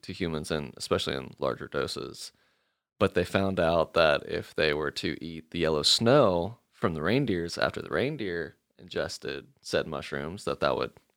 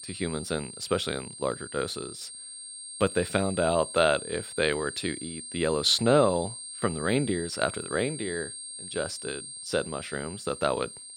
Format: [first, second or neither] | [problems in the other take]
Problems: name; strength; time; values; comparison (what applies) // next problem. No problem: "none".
first | high-pitched whine; loud; throughout; 8.5 kHz, 10 dB below the speech